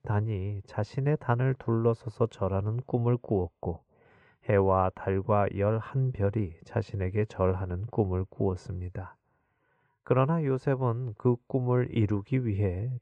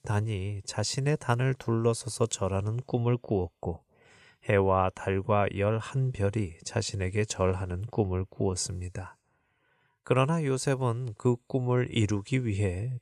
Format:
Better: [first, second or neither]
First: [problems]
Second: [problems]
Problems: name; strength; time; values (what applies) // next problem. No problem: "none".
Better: second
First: muffled; very; fading above 4 kHz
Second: none